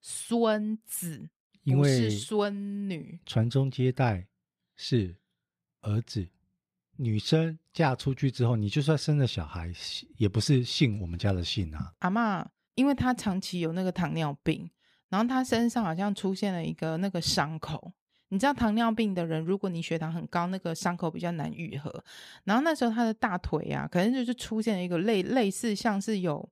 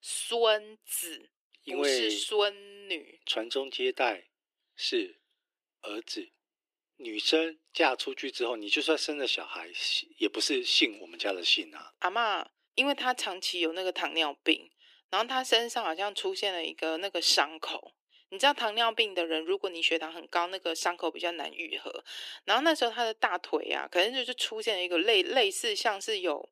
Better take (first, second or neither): first